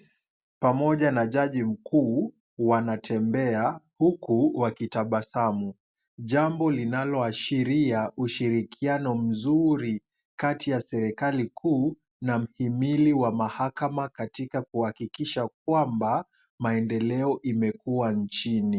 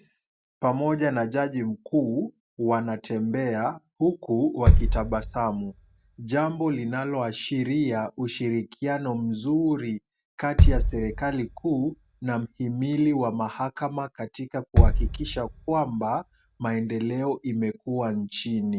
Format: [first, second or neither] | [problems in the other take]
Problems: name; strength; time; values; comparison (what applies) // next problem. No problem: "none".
first | background sound (Bass drum); 1 dB above the speech